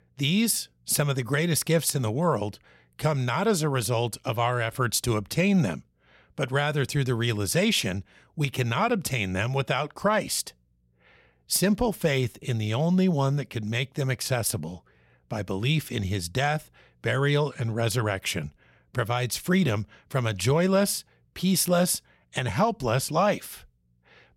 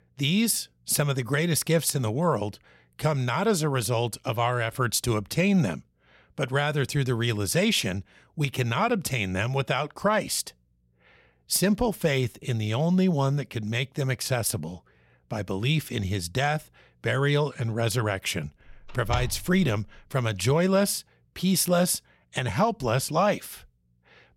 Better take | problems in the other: first | door banging; noticeable; at 19 s; peak 7 dB below the speech

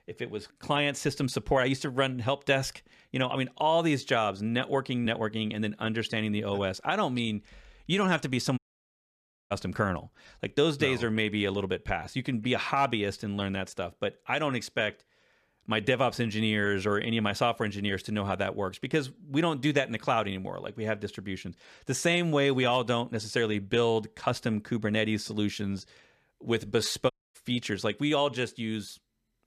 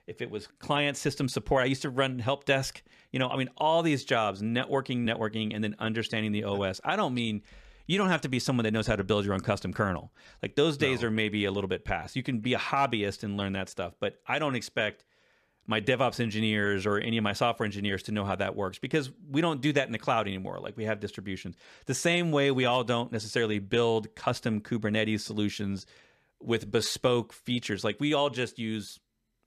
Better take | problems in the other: second | audio cutting out; at 8.5 s for 1 s and at 27 s

